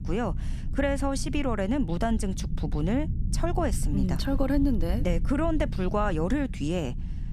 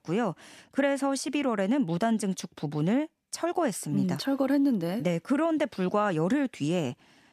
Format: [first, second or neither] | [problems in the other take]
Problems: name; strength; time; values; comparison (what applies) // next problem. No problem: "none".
second | low rumble; noticeable; throughout; 15 dB below the speech